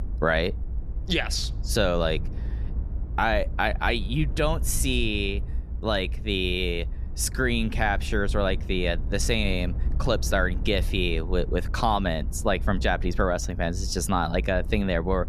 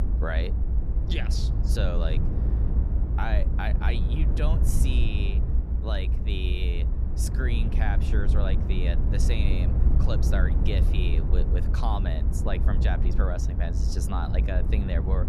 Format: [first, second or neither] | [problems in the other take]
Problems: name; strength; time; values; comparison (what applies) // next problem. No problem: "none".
first | low rumble; loud; throughout; 5 dB below the speech; faint in the first